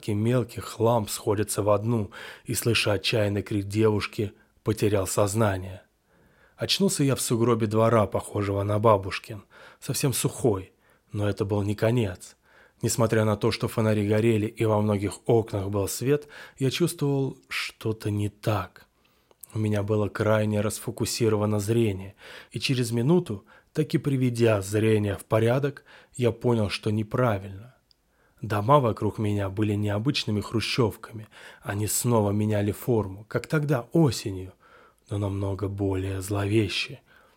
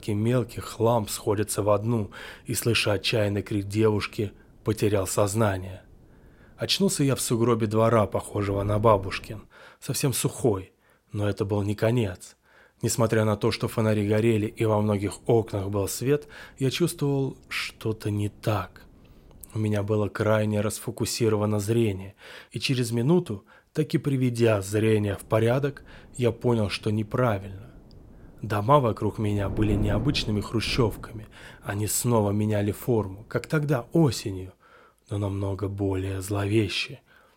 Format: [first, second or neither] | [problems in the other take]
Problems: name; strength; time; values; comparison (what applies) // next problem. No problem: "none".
first | wind noise on the microphone; occasional gusts; until 9.5 s, from 13 to 20 s and from 25 to 34 s; 20 dB below the speech